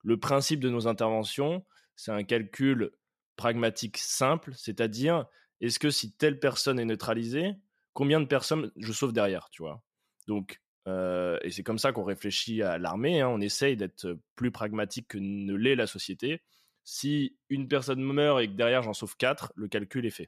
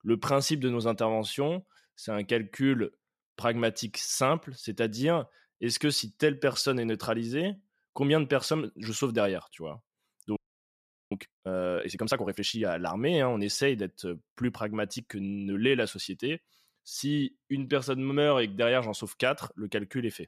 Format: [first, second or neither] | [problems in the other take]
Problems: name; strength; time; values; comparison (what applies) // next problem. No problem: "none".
first | audio freezing; at 10 s for 1 s